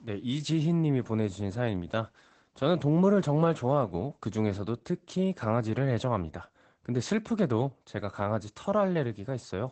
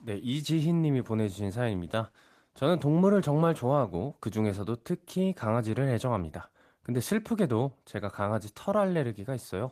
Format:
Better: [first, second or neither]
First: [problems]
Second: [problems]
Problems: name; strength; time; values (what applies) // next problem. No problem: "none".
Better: second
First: garbled, watery; badly; nothing above 8 kHz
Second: garbled, watery; slightly; nothing above 14.5 kHz